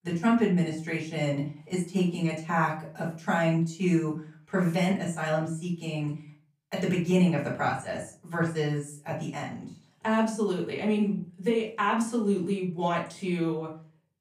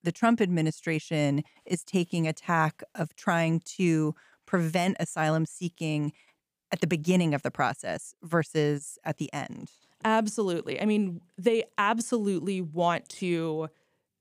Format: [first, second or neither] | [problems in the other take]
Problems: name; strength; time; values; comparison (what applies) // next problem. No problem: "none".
second | off-mic speech; far // room echo; slight; dies away in 0.3 s